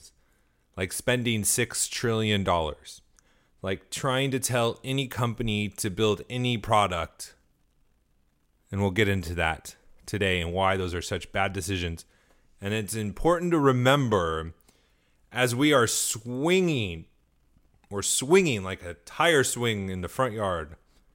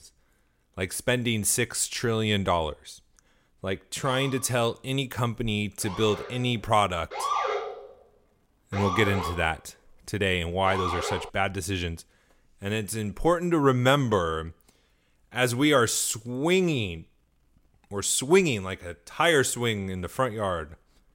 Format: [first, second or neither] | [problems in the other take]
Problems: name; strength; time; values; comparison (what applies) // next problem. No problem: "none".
first | siren; noticeable; from 4 to 11 s; peak 1 dB below the speech